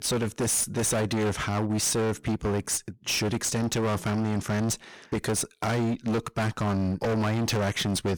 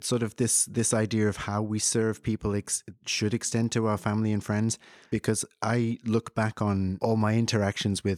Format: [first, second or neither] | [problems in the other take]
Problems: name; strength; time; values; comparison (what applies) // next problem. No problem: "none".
second | distortion; heavy; 33% of the sound clipped